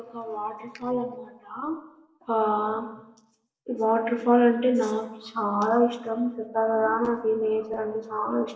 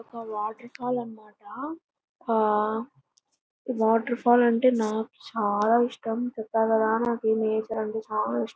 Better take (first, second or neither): second